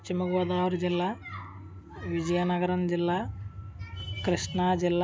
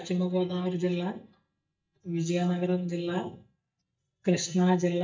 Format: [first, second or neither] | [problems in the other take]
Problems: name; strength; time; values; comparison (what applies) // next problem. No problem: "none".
first | noise reduction (neural mask model DeepFilterNet 3)